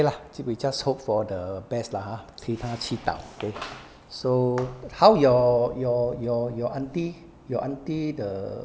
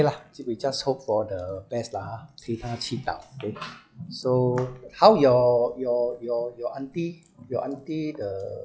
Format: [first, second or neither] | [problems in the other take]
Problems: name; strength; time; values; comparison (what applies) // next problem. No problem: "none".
first | noise reduction (classical method log-MMSE)